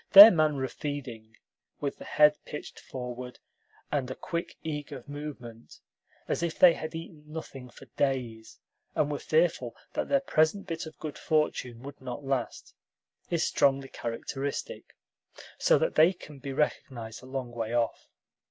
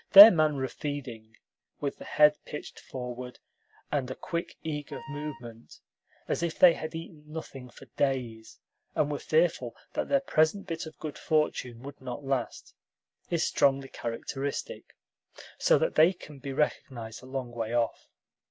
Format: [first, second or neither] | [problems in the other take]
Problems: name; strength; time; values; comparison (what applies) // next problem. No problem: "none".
first | background sound (Wind instrument, woodwind instrument); 17 dB below the speech